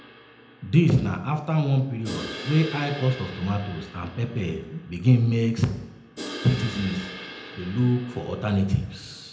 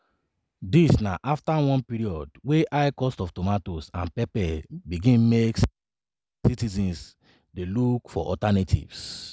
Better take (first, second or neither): second